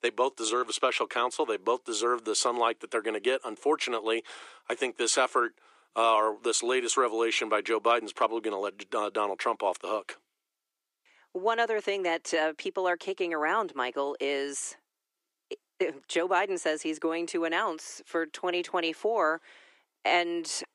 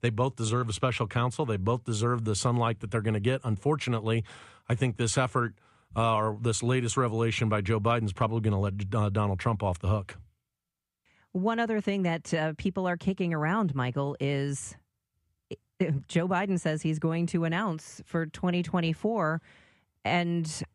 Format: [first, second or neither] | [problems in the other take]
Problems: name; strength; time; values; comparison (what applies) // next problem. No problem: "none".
second | thin; very; fading below 350 Hz